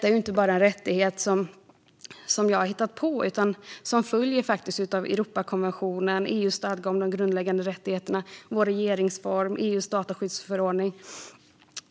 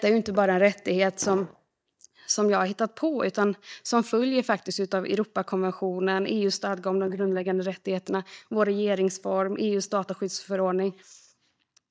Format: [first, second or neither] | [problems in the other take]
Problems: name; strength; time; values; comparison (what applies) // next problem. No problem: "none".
first | noise reduction (neural mask model DeepFilterNet 3)